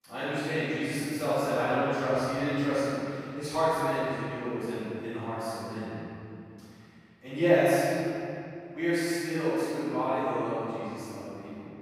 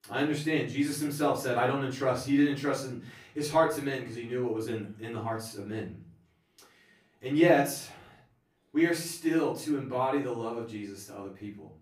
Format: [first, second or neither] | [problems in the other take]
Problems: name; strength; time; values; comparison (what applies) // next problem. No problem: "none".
second | room echo; strong; dies away in 2.8 s; slight in the second // off-mic speech; far; far in the second